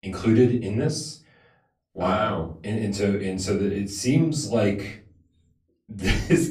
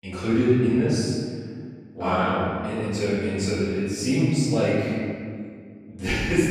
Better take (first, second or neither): first